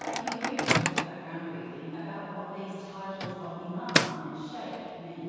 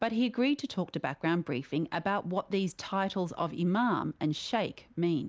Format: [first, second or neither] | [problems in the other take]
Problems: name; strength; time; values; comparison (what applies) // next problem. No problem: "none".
second | background sound (Microwave oven); 4 dB above the speech // room echo; dies away in 2.2 s